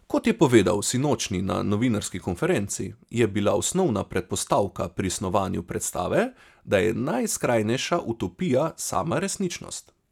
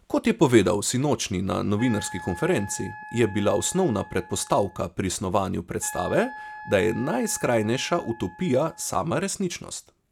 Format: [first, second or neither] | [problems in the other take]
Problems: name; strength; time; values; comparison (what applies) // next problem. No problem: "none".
first | background sound (Wind instrument, woodwind instrument); 16 dB below the speech